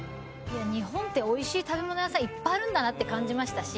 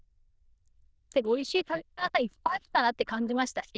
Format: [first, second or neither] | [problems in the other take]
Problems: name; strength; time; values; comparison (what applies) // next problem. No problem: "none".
first | noise reduction (neural diffusion model UNIVERSE++)